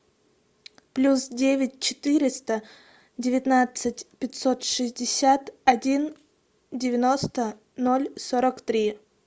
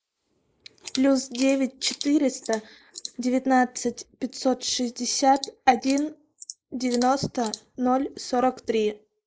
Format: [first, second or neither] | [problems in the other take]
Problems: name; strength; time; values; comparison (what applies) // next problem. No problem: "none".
first | noise reduction (neural mask model Resemble Enhance denoiser)